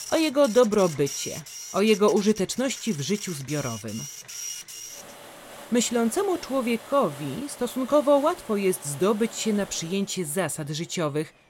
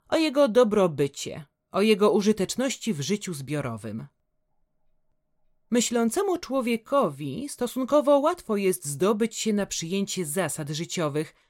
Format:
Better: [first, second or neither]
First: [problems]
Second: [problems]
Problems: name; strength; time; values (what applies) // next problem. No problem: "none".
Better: second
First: household noises; noticeable; throughout; 15 dB below the speech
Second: none